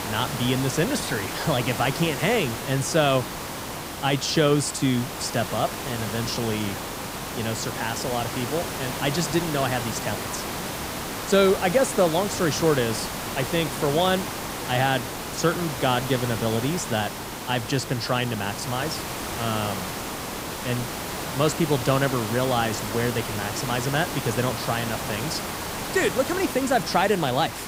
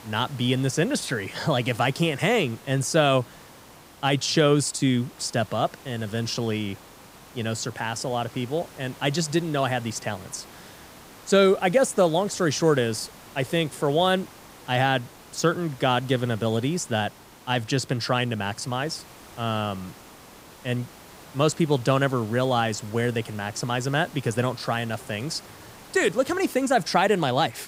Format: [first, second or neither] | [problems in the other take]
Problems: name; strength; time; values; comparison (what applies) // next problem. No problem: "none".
second | hiss; loud; throughout; 5 dB below the speech; faint in the second